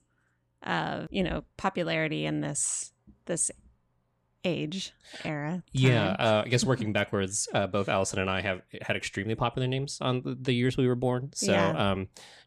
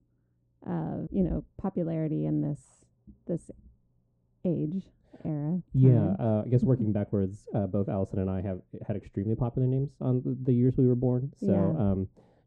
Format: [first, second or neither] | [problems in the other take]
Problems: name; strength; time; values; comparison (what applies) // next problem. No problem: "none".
first | muffled; very; fading above 1 kHz